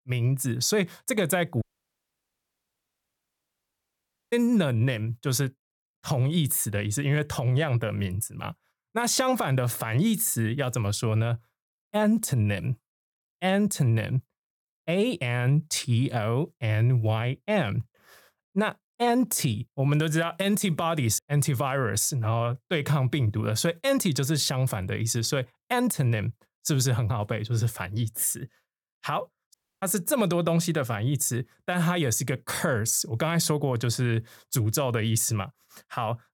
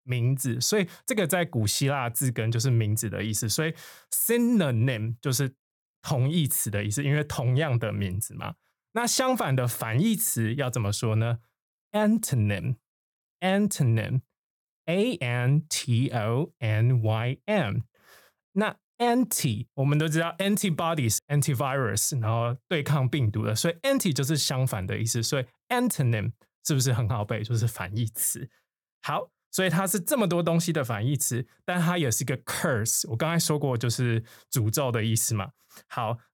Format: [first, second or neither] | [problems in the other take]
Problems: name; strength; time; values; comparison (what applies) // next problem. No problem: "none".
second | audio cutting out; at 1.5 s for 2.5 s and at 30 s